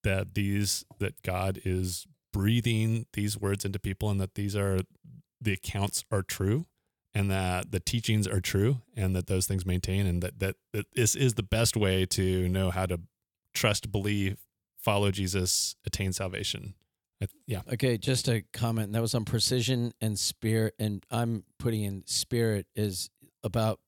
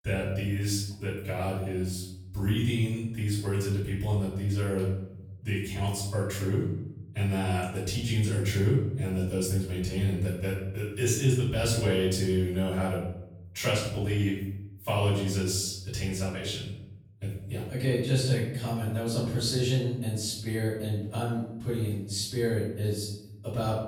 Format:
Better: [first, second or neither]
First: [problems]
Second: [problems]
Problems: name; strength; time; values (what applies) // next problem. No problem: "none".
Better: first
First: none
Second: off-mic speech; far // room echo; noticeable; dies away in 0.8 s